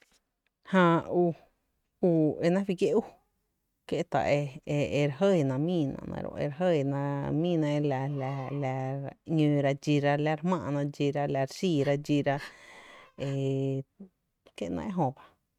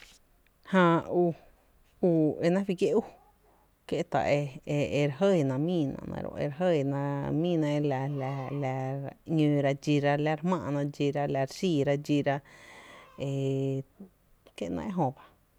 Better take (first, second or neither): second